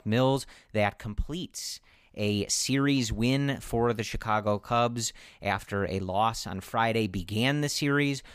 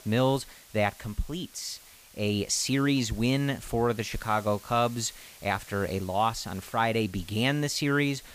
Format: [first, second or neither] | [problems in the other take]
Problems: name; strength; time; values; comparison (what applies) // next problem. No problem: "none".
first | hiss; faint; throughout; 20 dB below the speech